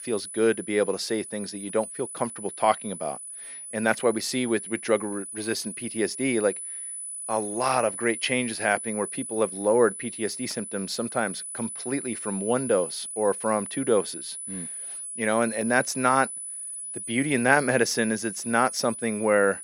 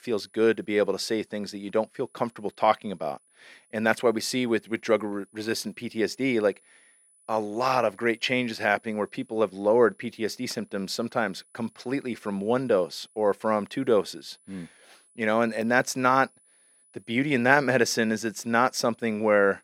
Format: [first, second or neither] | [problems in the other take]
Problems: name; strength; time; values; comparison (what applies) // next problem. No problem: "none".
second | high-pitched whine; loud; throughout; 10 kHz, 8 dB below the speech; faint in the second